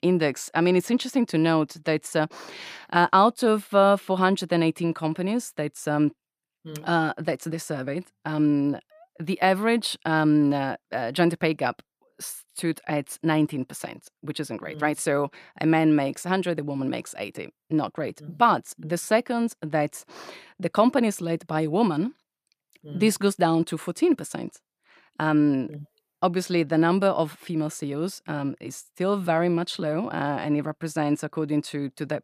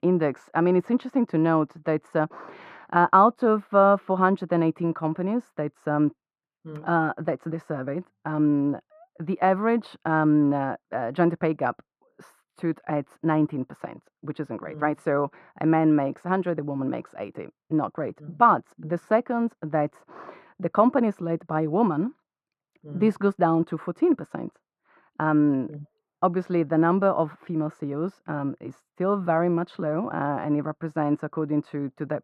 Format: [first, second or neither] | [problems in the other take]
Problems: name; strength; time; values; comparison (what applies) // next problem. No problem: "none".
first | muffled; very; fading above 3 kHz